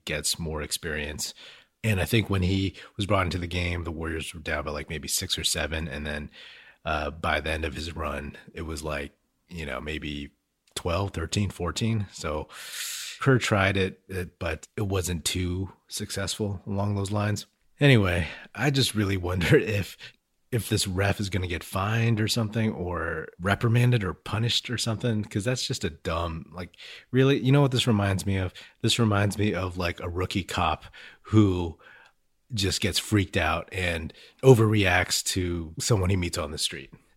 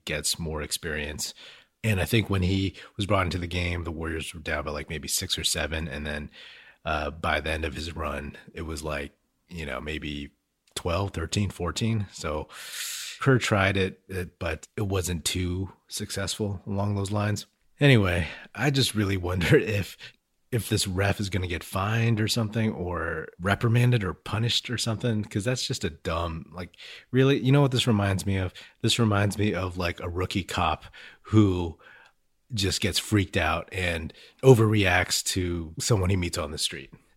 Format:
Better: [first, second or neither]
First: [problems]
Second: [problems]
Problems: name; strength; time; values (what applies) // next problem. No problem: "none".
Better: neither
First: none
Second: none